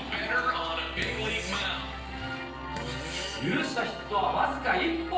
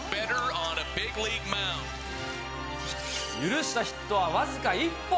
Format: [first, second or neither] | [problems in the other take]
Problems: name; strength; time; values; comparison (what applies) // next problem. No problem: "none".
second | noise reduction (neural separator model SepFormer DNS4)